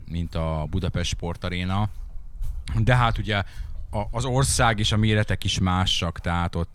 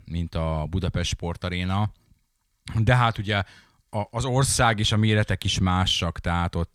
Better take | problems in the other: second | footsteps; noticeable; peak 9 dB below the speech

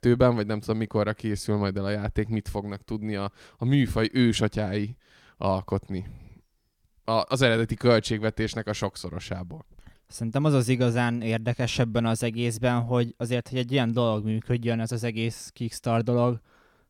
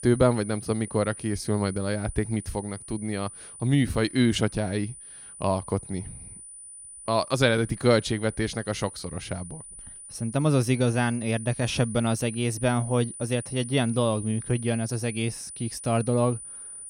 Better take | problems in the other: first | high-pitched whine; noticeable; throughout; 9.5 kHz, 15 dB below the speech

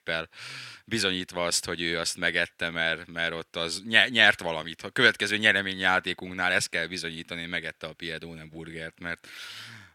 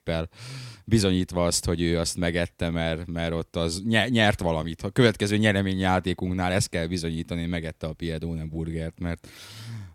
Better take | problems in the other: second | thin; somewhat; fading below 950 Hz

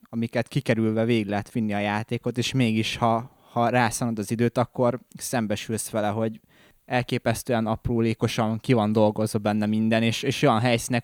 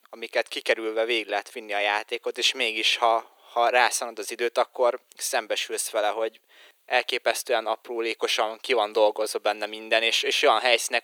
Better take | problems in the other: first | thin; very; fading below 400 Hz

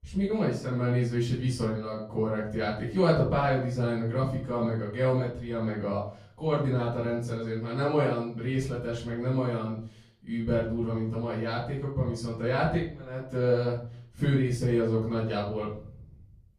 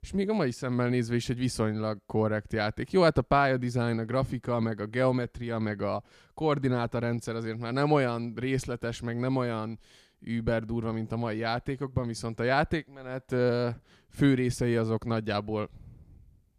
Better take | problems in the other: second | room echo; noticeable; dies away in 0.4 s // off-mic speech; far

